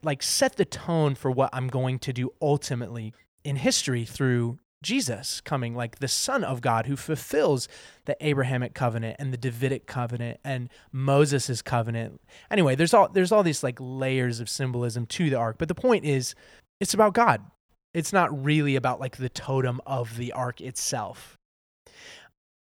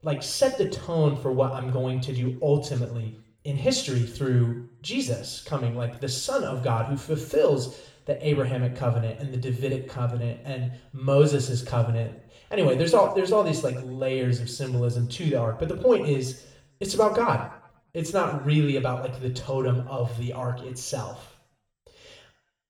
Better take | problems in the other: first | room echo; slight; dies away in 0.6 s // off-mic speech; somewhat distant

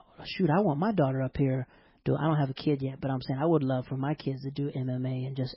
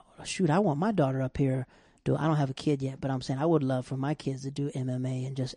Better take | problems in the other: second | garbled, watery; badly; nothing above 5.5 kHz; slightly in the second

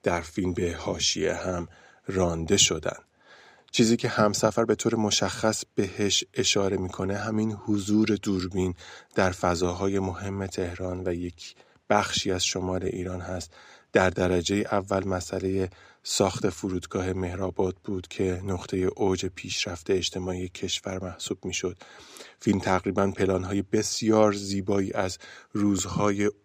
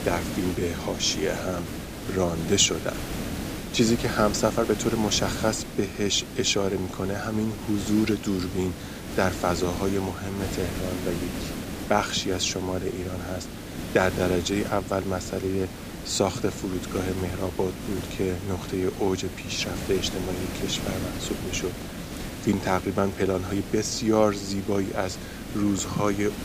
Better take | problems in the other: first | hiss; loud; throughout; 8 dB below the speech

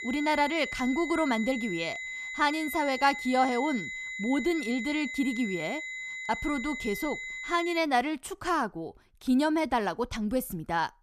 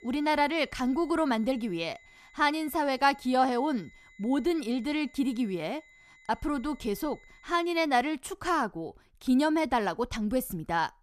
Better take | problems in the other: second | high-pitched whine; loud; until 8 s; 2 kHz, 6 dB below the speech; faint in the second

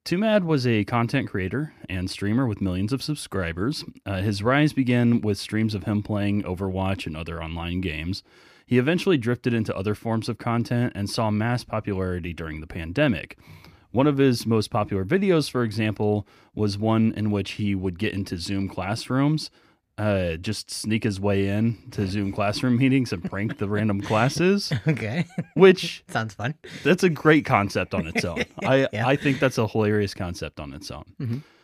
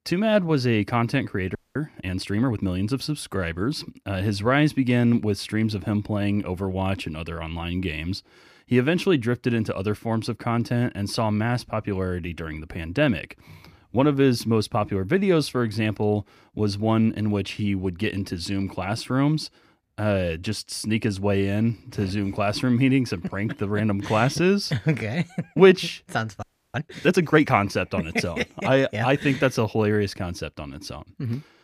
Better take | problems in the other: first | audio freezing; at 1.5 s and at 26 s

